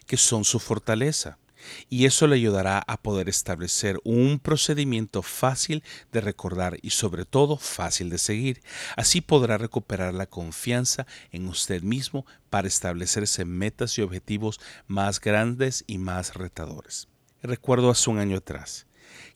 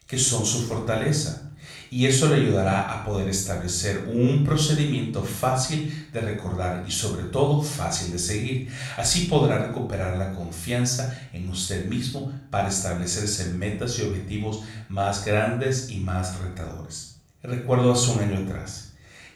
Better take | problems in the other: first | off-mic speech; somewhat distant // room echo; noticeable; dies away in 0.5 s

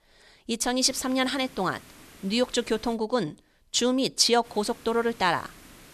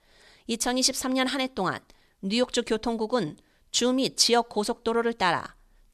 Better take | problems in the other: second | hiss; faint; from 1 to 3 s and from 4.5 s on; 25 dB below the speech

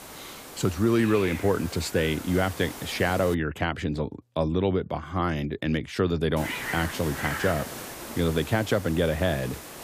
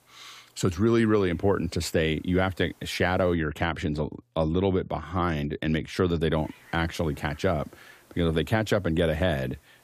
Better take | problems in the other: second | hiss; loud; until 3.5 s and from 6.5 s on; 10 dB below the speech; faint in the second

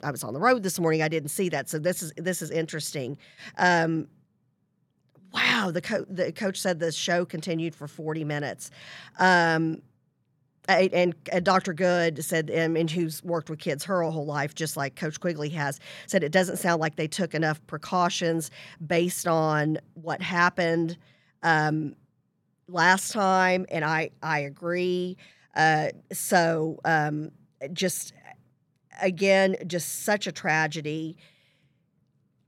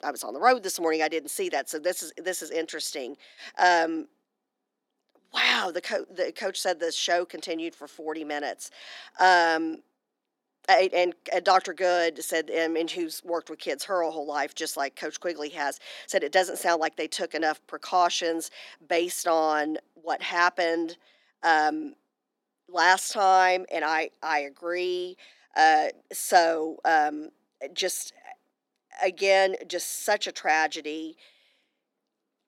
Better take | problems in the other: first | thin; very; fading below 250 Hz

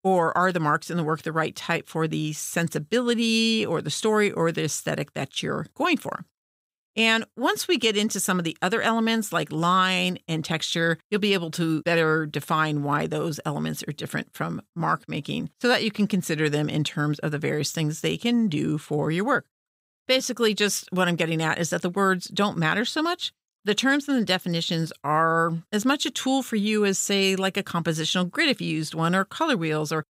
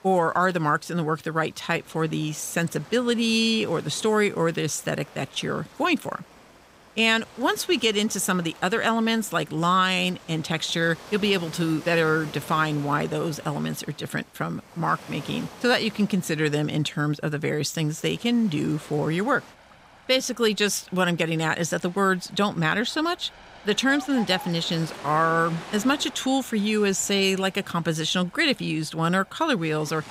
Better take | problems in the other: first | rain or running water; noticeable; throughout; 20 dB below the speech

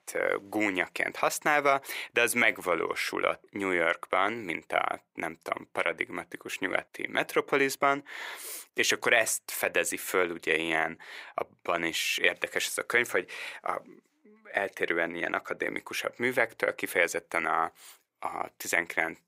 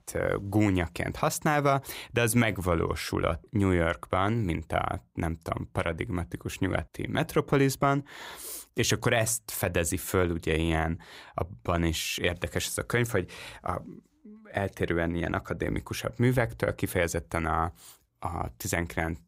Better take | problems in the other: second | thin; somewhat; fading below 450 Hz

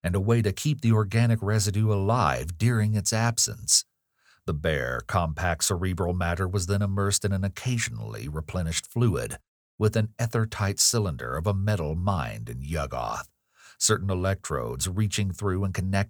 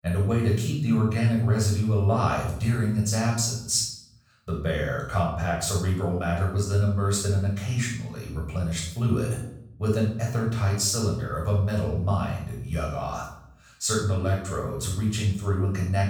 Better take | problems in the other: first | off-mic speech; far // room echo; noticeable; dies away in 0.7 s

